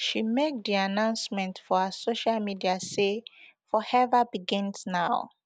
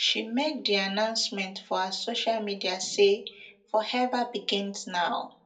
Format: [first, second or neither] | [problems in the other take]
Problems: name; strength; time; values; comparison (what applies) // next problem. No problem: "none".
first | room echo; dies away in 0.2 s